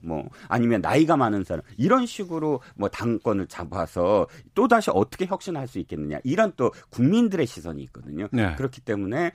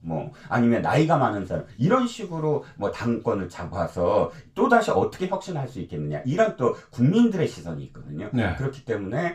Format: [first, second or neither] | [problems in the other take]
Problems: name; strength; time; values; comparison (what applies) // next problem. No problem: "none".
first | room echo; very slight; dies away in 0.2 s // off-mic speech; far